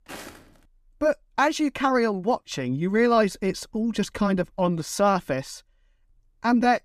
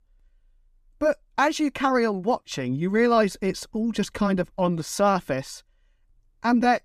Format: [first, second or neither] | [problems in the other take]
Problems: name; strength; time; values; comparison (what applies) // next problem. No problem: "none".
second | footsteps; faint; at the start; peak 15 dB below the speech